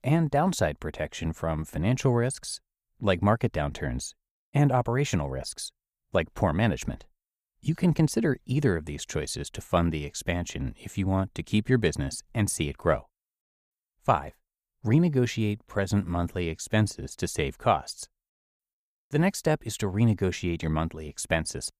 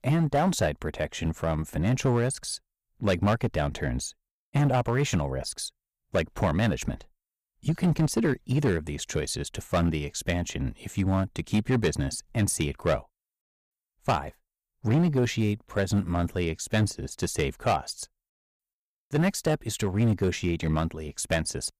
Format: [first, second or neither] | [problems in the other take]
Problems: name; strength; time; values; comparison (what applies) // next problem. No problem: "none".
first | distortion; slight; 5% of the sound clipped